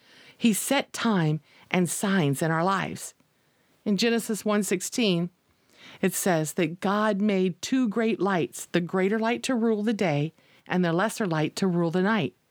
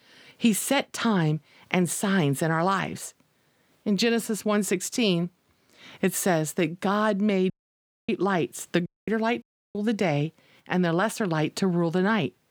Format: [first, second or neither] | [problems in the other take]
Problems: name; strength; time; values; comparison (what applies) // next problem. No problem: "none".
first | audio cutting out; at 7.5 s for 0.5 s, at 9 s and at 9.5 s